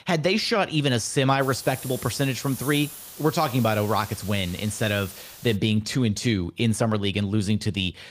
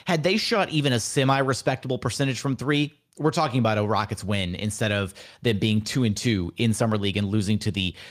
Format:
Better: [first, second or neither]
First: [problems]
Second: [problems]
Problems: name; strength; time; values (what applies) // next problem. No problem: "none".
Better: second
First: hiss; noticeable; from 1.5 to 5.5 s; 15 dB below the speech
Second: none